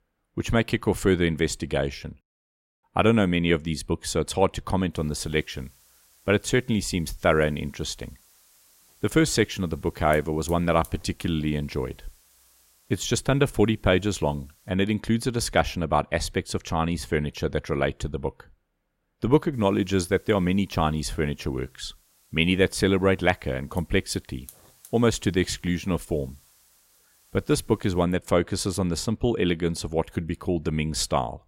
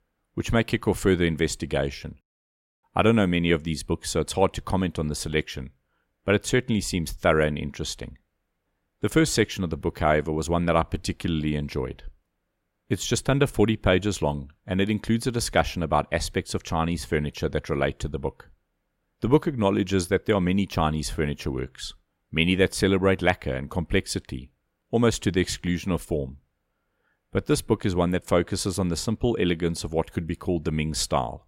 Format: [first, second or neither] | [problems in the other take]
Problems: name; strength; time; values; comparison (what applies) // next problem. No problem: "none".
second | hiss; faint; from 5 to 15 s and from 20 to 28 s; 30 dB below the speech